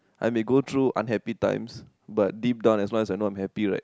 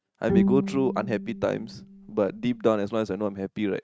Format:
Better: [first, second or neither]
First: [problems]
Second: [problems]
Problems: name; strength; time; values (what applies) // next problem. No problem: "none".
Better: first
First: none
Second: noise reduction (neural mask model RNNoise)